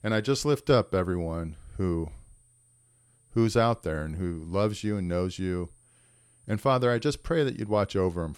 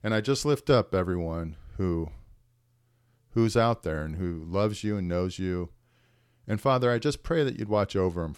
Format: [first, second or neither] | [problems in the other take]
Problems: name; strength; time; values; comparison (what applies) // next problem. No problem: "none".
second | high-pitched whine; faint; throughout; 9 kHz, 35 dB below the speech